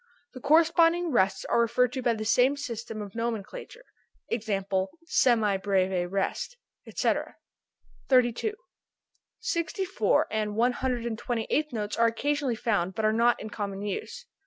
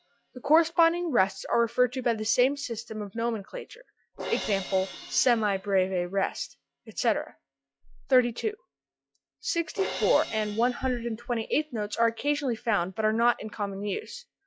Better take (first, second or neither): first